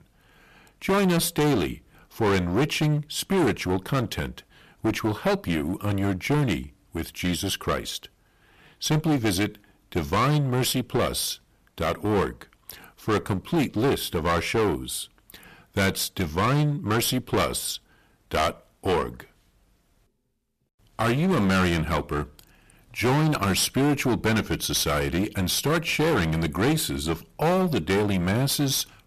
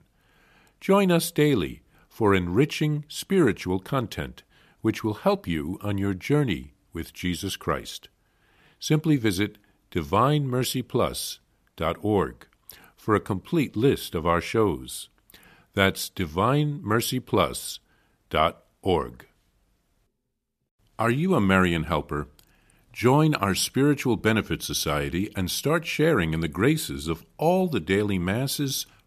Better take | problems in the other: second | distortion; heavy; 14% of the sound clipped

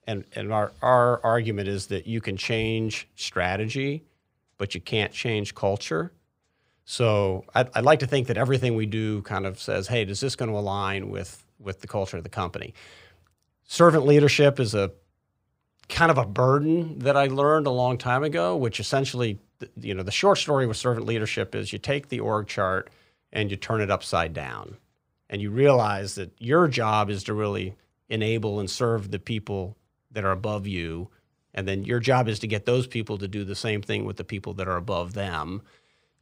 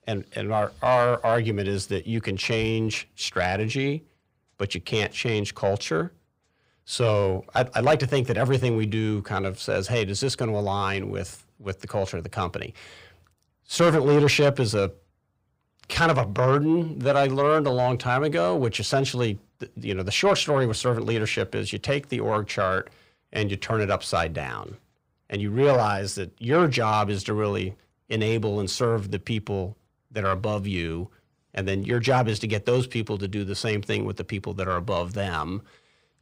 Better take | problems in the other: first | distortion; slight; 10 dB below the speech

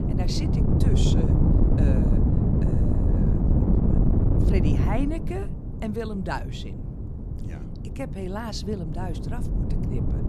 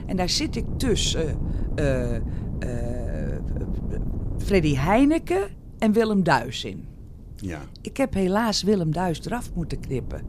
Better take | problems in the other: second | wind noise on the microphone; heavy; 3 dB above the speech; occasional gusts in the second

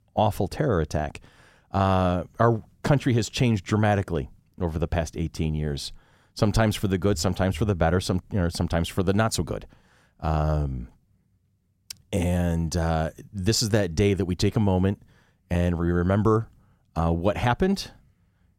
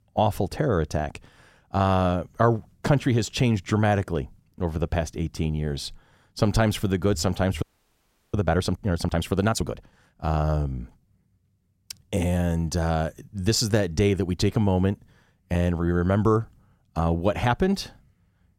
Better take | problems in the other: first | audio freezing; at 7.5 s for 0.5 s

